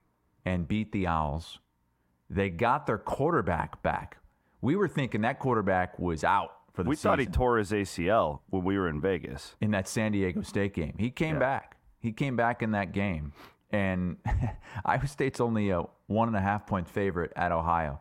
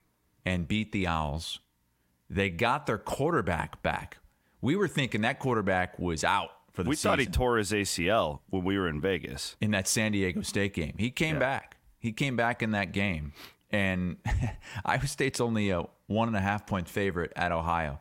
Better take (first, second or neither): second